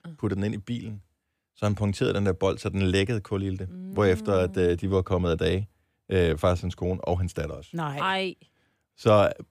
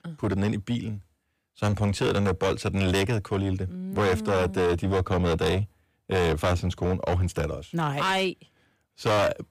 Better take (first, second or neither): first